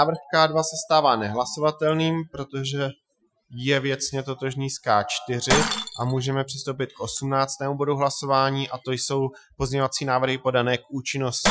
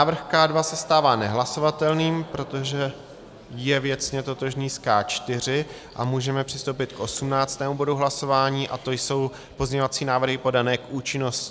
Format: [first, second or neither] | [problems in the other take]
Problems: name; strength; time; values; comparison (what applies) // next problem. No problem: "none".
second | noise reduction (classical method Wiener filter)